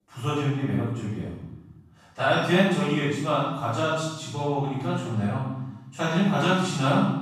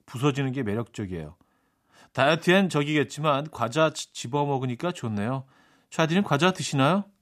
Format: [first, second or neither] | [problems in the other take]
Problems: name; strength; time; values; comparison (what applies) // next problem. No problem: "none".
second | off-mic speech; far // room echo; strong; dies away in 1 s